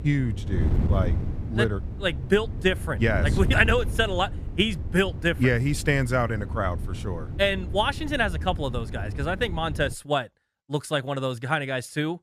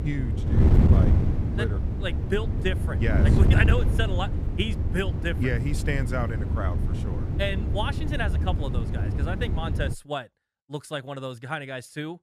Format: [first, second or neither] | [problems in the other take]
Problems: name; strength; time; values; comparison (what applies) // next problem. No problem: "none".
first | wind noise on the microphone; heavy; until 10 s; 5 dB below the speech; occasional gusts in the first